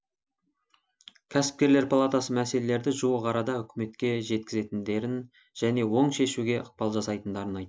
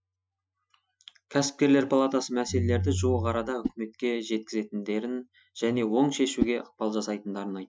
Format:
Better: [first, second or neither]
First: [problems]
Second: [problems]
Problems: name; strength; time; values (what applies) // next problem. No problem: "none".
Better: first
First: none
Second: noise reduction (classical method Wiener filter)